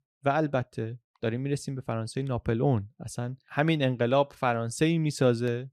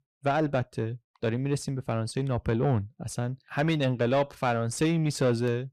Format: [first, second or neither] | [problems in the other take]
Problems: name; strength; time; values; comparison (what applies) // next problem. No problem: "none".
first | distortion; slight; 10 dB below the speech